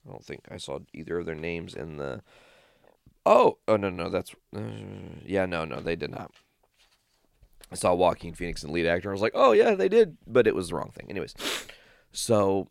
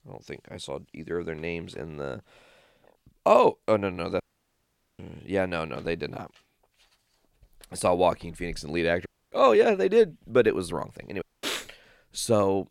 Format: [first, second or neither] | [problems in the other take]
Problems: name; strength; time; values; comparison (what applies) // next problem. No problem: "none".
first | audio cutting out; at 4 s for 1 s, at 9 s and at 11 s